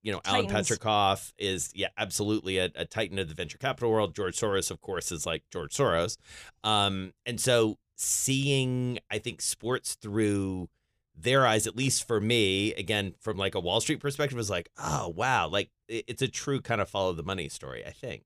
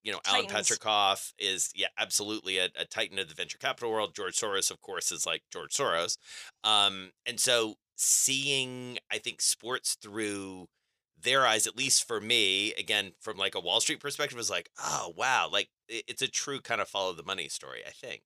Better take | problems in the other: first | thin; somewhat; fading below 900 Hz

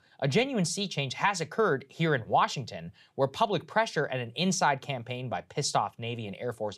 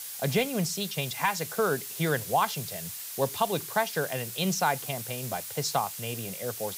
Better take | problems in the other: first | hiss; loud; throughout; 6 dB below the speech

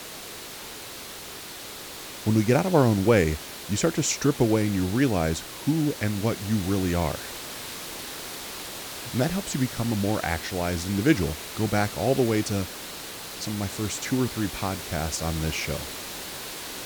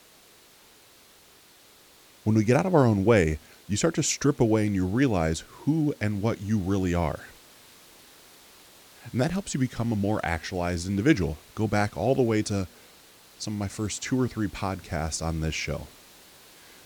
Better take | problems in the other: second | hiss; loud; throughout; 10 dB below the speech; faint in the second

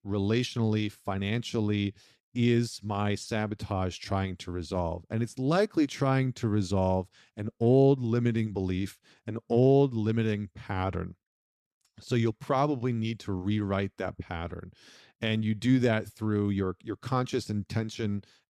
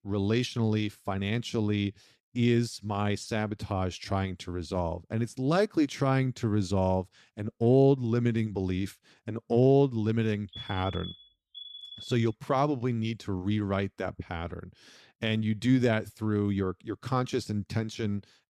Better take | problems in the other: first | alarm; faint; from 11 to 12 s; peak 10 dB below the speech

